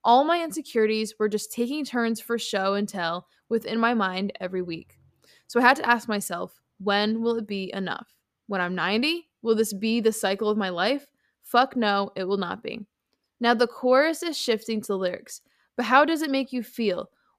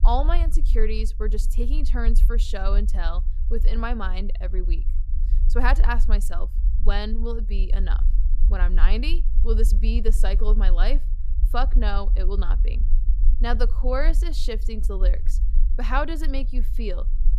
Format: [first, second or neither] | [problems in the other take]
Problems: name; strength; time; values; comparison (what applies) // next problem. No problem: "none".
first | low rumble; noticeable; throughout; 15 dB below the speech